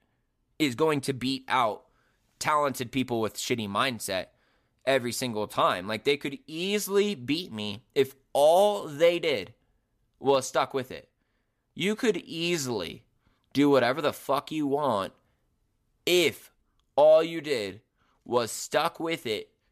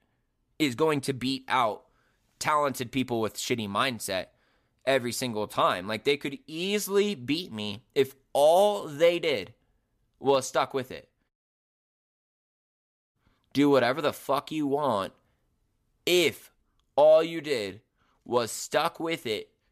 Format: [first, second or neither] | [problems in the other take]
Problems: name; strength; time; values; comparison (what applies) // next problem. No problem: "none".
first | audio cutting out; at 11 s for 2 s